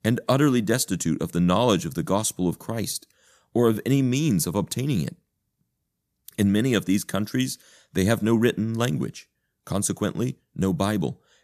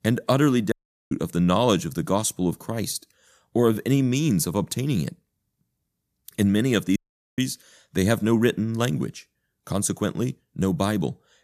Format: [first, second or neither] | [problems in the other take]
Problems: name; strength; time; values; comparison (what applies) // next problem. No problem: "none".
first | audio cutting out; at 0.5 s and at 7 s